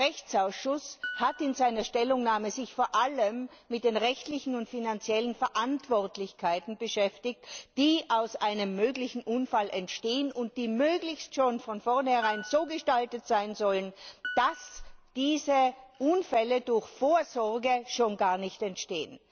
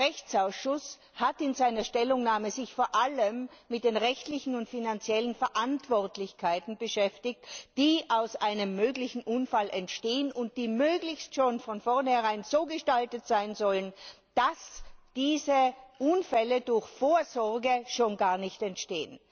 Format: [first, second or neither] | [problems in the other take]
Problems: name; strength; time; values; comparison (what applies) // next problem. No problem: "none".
second | background sound (Piano); 13 dB below the speech